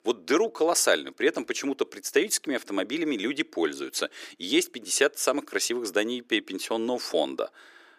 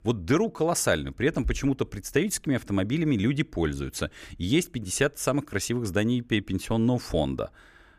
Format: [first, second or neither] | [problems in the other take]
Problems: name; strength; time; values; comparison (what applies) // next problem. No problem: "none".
second | thin; somewhat; fading below 350 Hz